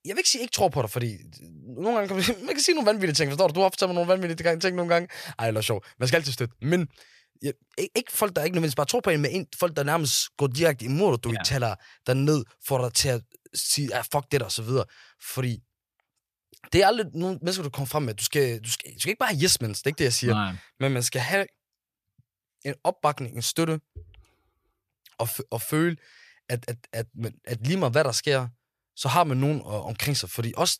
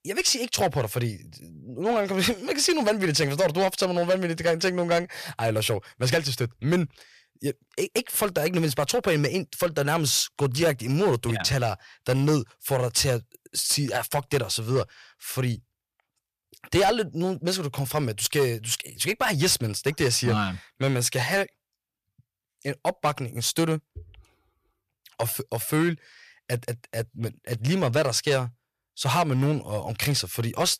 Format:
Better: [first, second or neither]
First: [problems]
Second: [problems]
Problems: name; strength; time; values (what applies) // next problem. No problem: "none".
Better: first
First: none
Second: distortion; slight; 5% of the sound clipped